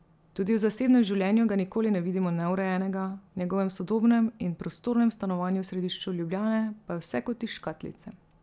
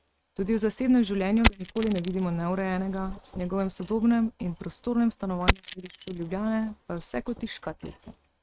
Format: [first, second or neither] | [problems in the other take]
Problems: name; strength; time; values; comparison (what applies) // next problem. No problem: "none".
first | noise reduction (neural mask model RNNoise)